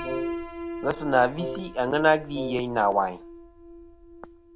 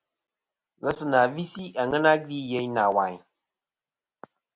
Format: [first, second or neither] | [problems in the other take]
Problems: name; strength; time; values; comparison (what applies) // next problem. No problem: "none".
second | background sound (Wind instrument, woodwind instrument + Piano); 9 dB below the speech